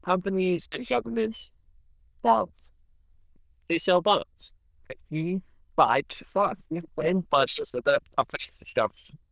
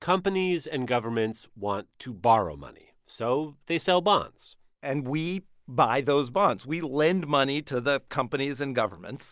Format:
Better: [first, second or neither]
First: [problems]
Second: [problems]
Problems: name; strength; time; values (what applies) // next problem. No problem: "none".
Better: second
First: noise reduction (neural diffusion model UNIVERSE++)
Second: none